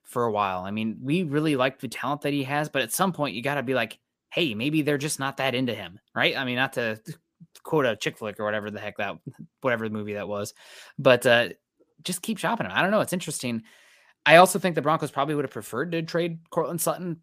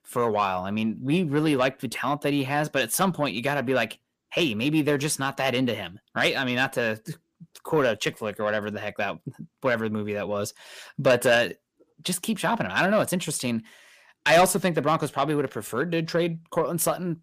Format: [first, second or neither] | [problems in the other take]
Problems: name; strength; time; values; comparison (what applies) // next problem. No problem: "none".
first | distortion; slight; 10 dB below the speech